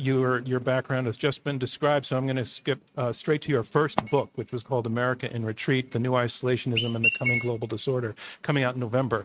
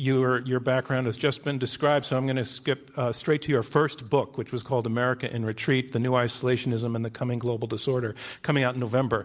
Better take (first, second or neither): second